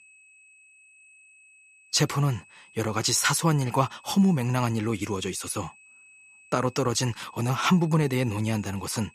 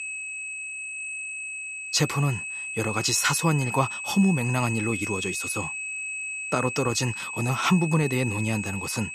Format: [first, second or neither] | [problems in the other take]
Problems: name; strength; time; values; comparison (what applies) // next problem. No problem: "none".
first | high-pitched whine; loud; throughout; 2.5 kHz, 5 dB below the speech; faint in the first